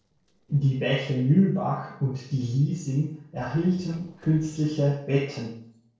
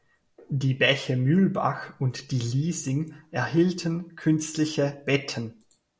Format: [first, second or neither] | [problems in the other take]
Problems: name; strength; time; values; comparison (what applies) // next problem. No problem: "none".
second | noise reduction (neural separator model SepFormer DNS4)